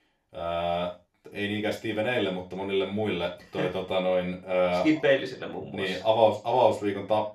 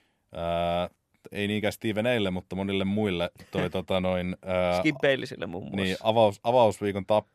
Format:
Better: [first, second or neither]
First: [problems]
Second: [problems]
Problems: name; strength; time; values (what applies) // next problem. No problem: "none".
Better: second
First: room echo; slight; dies away in 0.3 s // off-mic speech; far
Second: none